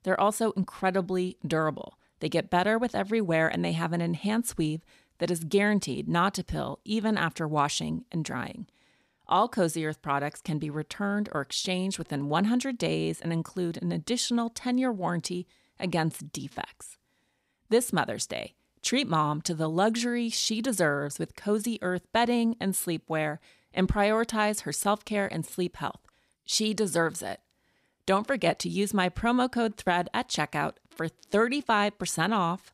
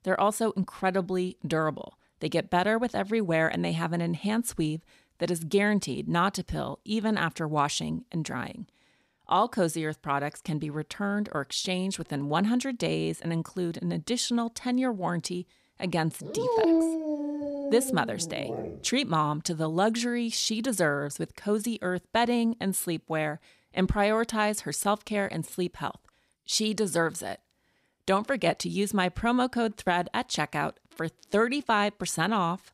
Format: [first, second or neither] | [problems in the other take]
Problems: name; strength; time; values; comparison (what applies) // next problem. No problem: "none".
first | dog barking; loud; from 16 to 19 s; peak 5 dB above the speech